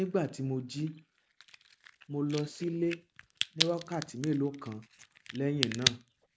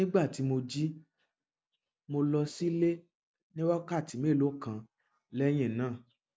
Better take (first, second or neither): second